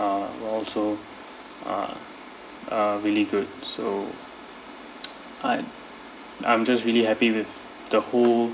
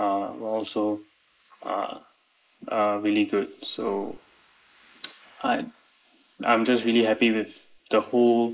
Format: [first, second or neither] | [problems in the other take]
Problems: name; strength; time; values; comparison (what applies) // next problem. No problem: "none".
first | noise reduction (neural mask model Resemble Enhance denoiser)